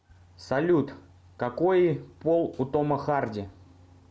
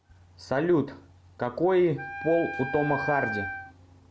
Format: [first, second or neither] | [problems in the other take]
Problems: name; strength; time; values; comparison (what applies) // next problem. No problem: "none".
first | background sound (Wind instrument, woodwind instrument); 7 dB below the speech